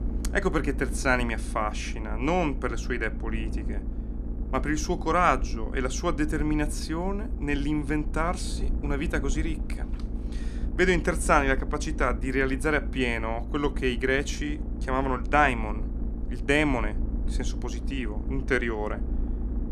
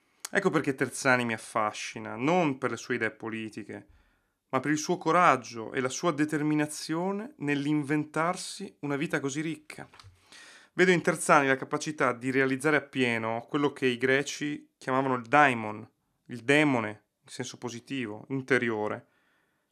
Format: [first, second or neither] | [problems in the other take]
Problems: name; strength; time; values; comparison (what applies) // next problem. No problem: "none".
second | low rumble; noticeable; throughout; 15 dB below the speech